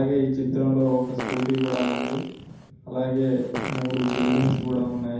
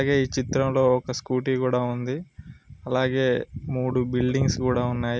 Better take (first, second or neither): second